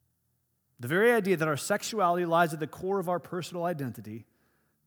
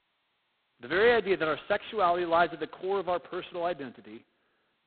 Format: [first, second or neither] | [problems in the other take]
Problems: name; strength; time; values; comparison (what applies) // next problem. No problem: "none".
first | phone-call audio; poor line; nothing above 4 kHz